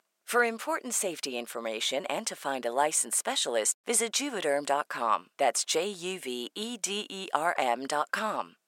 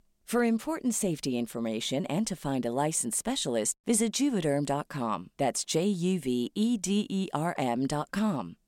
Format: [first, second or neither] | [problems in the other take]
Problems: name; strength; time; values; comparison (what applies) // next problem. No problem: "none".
second | thin; very; fading below 600 Hz